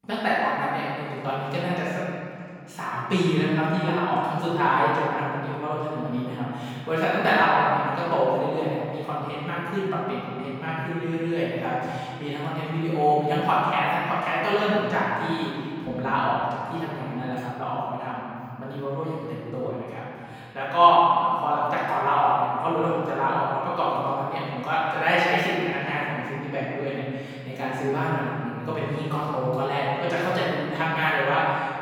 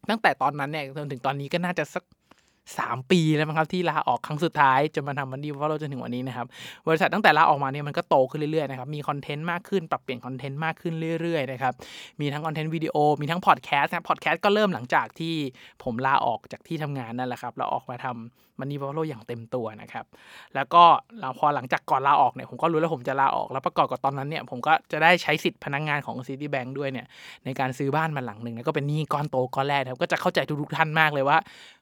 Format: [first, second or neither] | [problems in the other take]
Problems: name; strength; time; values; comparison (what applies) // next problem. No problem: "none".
second | off-mic speech; far // room echo; strong; dies away in 2.4 s